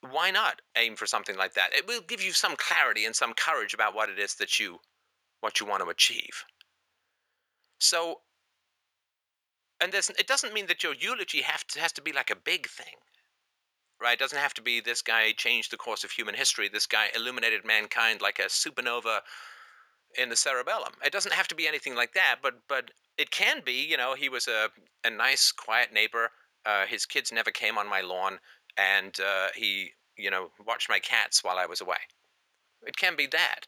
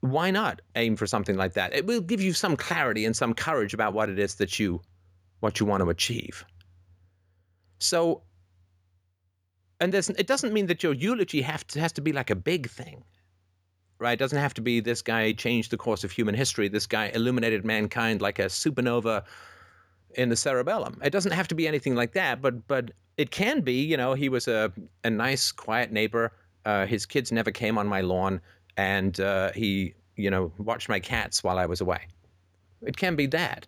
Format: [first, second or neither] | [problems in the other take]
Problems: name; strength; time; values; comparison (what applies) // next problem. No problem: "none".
second | thin; very; fading below 900 Hz